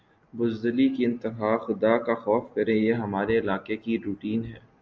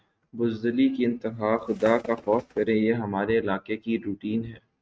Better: first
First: none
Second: noise reduction (neural mask model RNNoise)

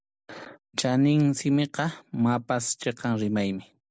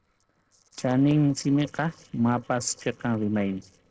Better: first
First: none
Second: noise reduction (neural separator model SepFormer DNS4)

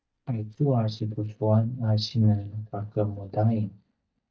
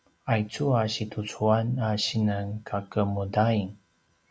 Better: second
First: noise reduction (neural mask model DeepFilterNet 3)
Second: none

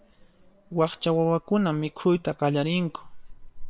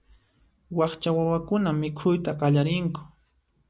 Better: second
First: noise reduction (neural separator model SepFormer WHAM!)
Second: none

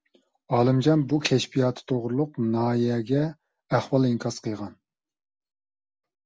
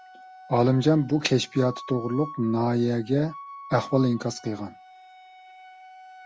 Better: first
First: none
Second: background sound (Wind instrument, woodwind instrument); 18 dB below the speech

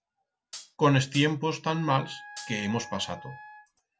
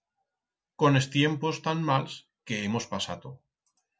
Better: second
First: background sound (Hi-hat + Wind instrument, woodwind instrument); 16 dB below the speech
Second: none

